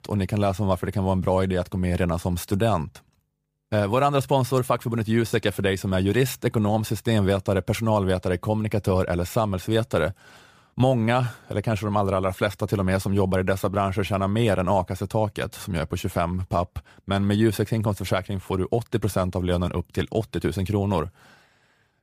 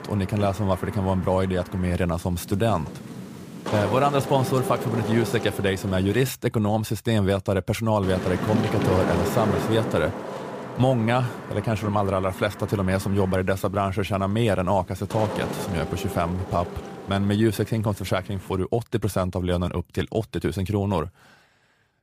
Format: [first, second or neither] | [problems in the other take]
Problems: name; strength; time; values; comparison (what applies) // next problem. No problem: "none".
first | wind noise on the microphone; heavy; until 6.5 s and from 8 to 19 s; 7 dB below the speech